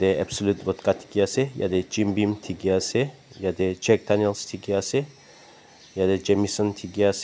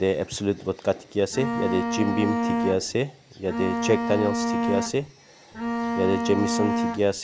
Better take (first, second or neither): first